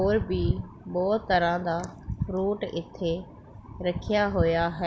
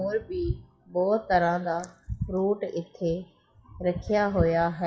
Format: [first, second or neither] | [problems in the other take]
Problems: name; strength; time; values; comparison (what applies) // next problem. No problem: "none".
first | noise reduction (classical method WPE with log-MMSE)